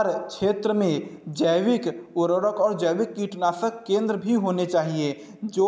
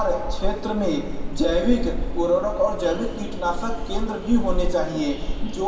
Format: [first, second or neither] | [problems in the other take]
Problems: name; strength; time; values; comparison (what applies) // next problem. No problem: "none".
first | background sound (Train); 1 dB below the speech // room echo; dies away in 2.2 s